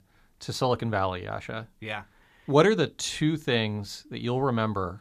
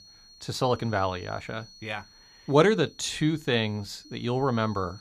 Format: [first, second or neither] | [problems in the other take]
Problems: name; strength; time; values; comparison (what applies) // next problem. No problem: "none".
first | high-pitched whine; faint; throughout; 4.5 kHz, 25 dB below the speech